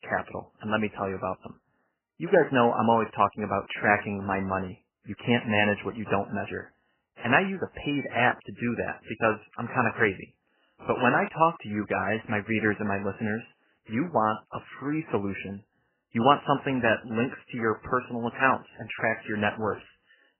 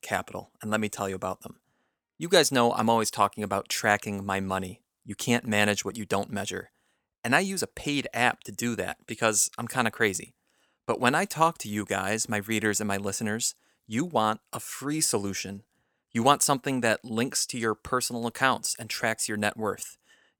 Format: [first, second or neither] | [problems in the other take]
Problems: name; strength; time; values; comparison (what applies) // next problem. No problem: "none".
second | garbled, watery; badly; nothing above 3 kHz